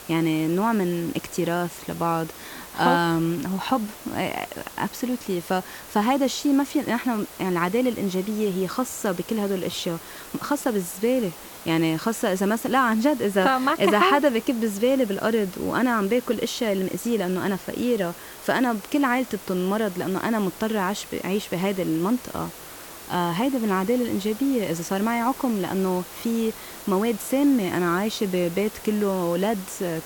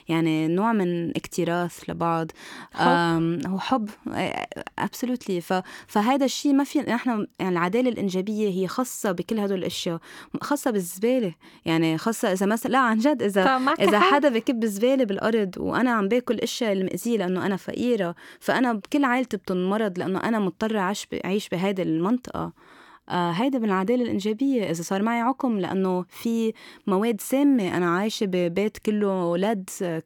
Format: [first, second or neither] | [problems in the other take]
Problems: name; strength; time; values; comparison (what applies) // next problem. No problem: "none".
second | hiss; noticeable; throughout; 15 dB below the speech